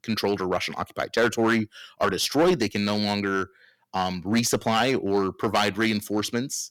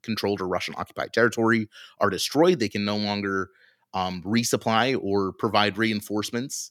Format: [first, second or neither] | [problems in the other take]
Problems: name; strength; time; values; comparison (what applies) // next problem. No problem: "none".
second | distortion; slight; 5% of the sound clipped